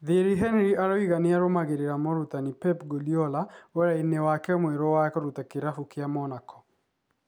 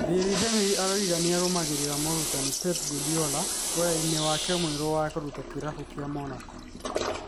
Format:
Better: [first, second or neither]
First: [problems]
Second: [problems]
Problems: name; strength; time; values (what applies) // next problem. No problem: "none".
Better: first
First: none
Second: background sound (Toilet flush); 2 dB below the speech